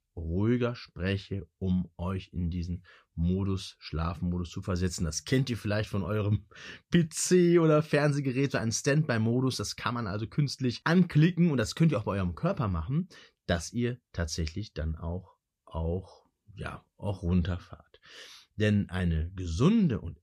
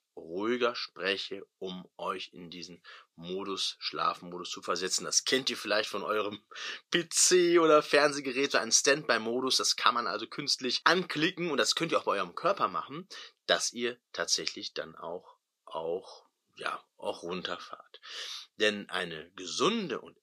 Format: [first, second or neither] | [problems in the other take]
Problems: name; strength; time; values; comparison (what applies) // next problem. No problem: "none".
first | thin; very; fading below 350 Hz